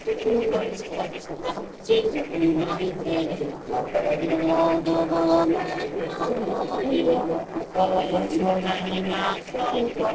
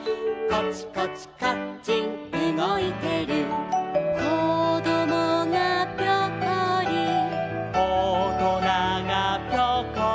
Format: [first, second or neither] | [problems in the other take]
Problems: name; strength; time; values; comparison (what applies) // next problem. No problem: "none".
second | noise reduction (neural separator model SepFormer DNS4)